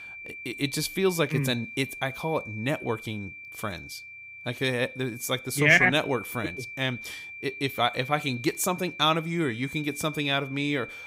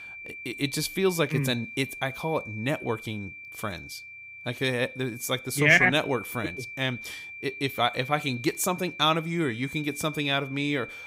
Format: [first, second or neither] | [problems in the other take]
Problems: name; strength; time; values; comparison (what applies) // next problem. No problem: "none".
neither | high-pitched whine; noticeable; throughout; 2.5 kHz, 10 dB below the speech; the same in both